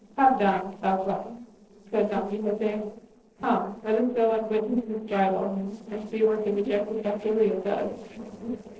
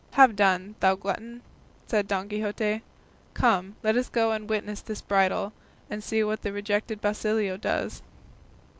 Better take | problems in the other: second | noise reduction (neural separator model SepFormer DNS4)

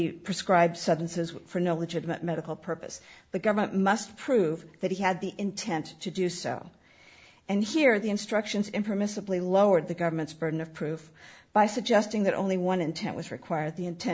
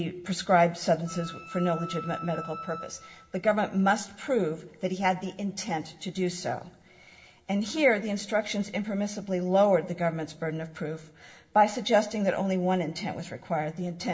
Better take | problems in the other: first | background sound (Wind instrument, woodwind instrument); 13 dB below the speech // room echo; dies away in 0.8 s

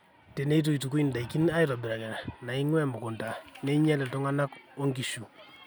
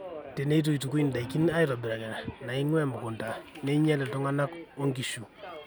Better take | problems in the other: first | background sound (Subway, metro, underground); 15 dB below the speech

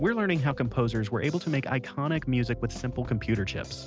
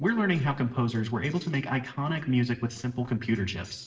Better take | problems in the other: first | noise reduction (neural separator model SepFormer DNS4)

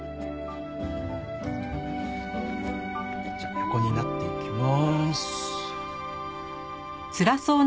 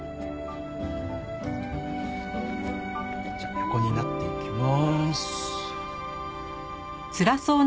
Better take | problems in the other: first | background sound (Insect / Frog); 19 dB below the speech

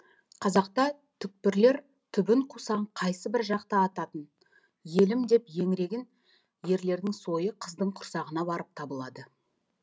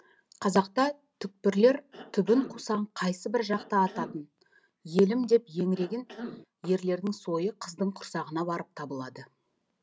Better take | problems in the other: first | background sound (Cough); 15 dB below the speech

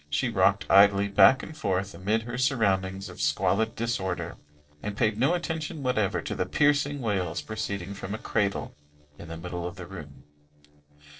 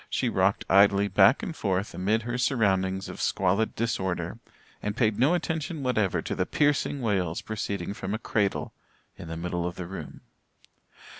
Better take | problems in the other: second | noise reduction (neural separator model SepFormer DNS4)

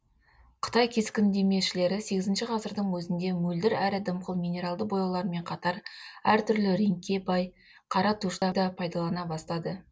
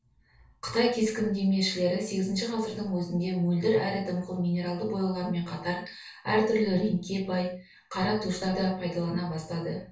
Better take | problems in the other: first | room echo; dies away in 0.3 s

